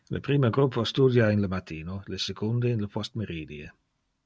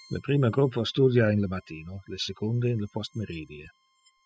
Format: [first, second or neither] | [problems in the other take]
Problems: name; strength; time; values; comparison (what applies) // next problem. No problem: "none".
first | noise reduction (classical method spectral subtraction)